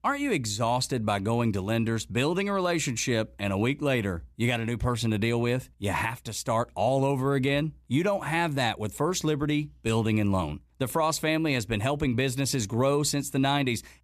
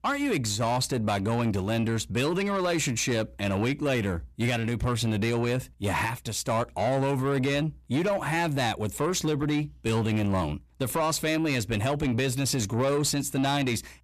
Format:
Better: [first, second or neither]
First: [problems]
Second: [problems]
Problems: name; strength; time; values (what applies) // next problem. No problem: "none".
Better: first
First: none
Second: distortion; slight; 10 dB below the speech